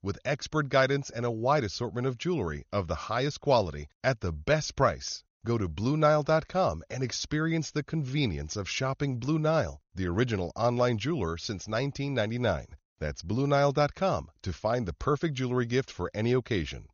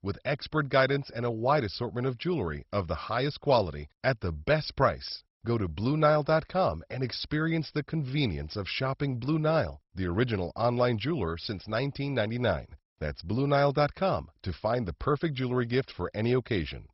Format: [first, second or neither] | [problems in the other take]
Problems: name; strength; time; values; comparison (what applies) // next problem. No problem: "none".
first | garbled, watery; badly; nothing above 5.5 kHz; slightly in the first